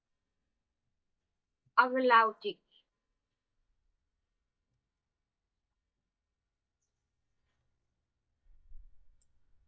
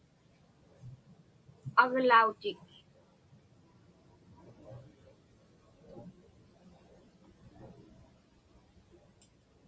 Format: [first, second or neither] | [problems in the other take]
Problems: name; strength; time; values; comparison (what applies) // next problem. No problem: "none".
second | noise reduction (neural mask model DeepFilterNet 3)